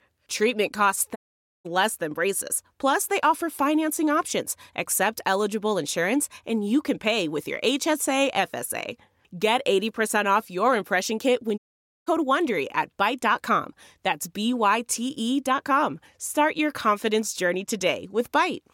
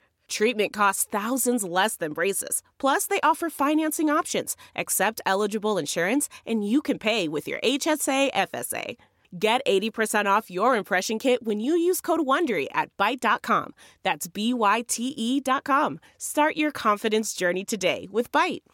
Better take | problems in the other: second | audio cutting out; at 1 s and at 12 s

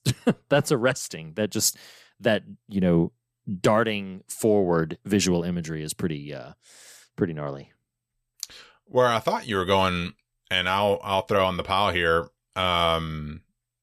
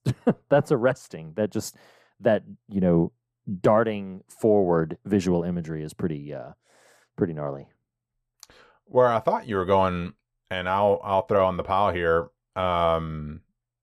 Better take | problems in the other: first | muffled; very; fading above 2 kHz

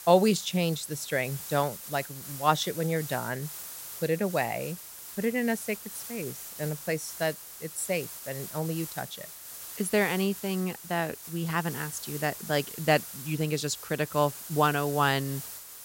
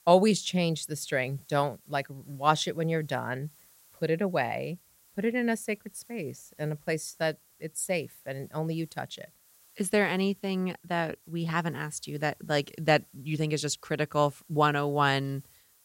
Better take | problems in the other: second | hiss; loud; throughout; 10 dB below the speech; faint in the second

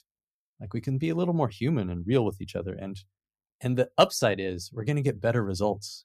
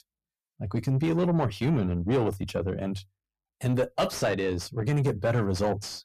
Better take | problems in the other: first | distortion; heavy; 6 dB below the speech

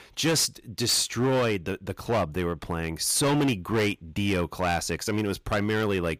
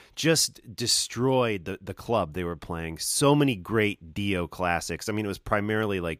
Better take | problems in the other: second | distortion; heavy; 11% of the sound clipped

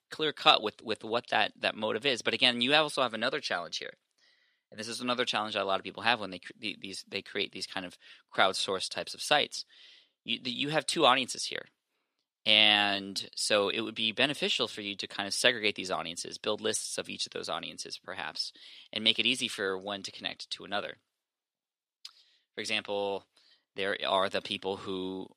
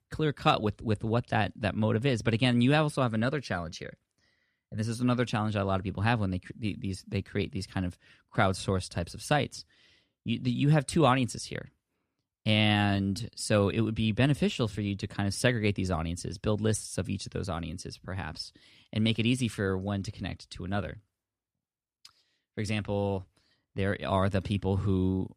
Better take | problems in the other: second | thin; somewhat; fading below 450 Hz

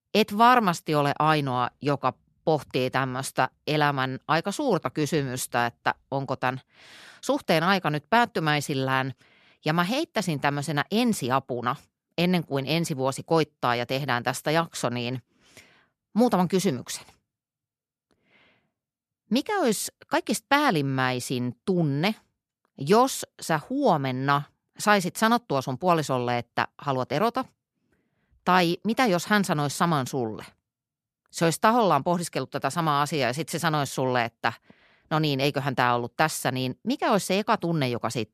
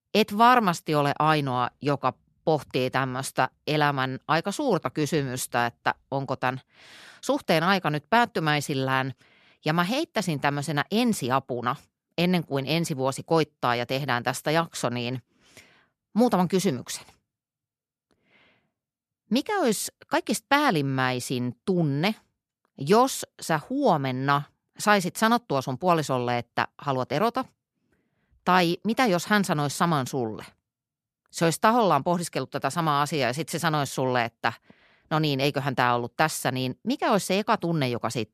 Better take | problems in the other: neither | none

